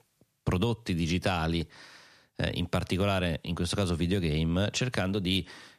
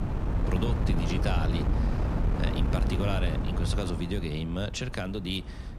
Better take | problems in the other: first | wind noise on the microphone; heavy; 2 dB below the speech

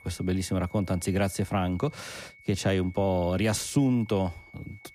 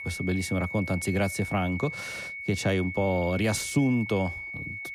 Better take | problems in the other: first | high-pitched whine; loud; throughout; 2 kHz, 8 dB below the speech; faint in the first

